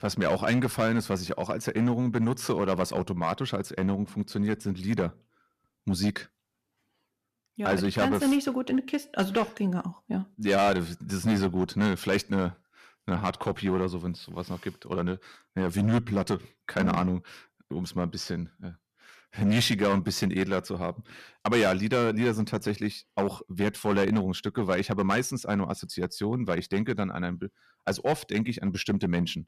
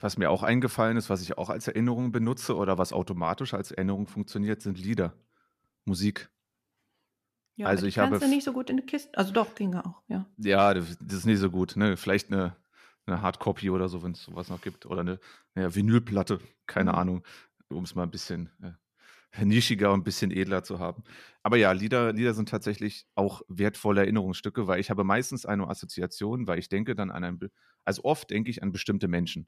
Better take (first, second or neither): second